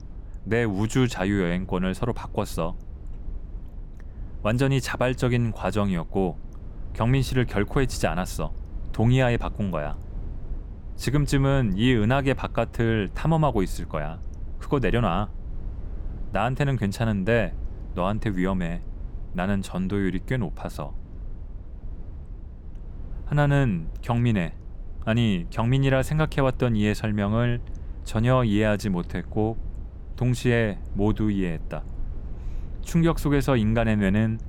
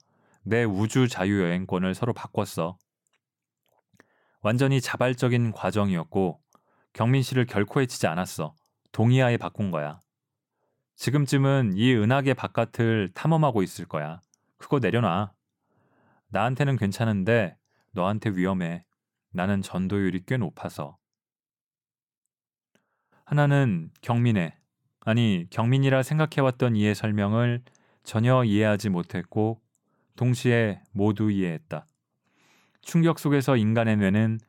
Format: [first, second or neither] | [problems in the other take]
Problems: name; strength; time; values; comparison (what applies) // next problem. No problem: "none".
second | low rumble; faint; throughout; 25 dB below the speech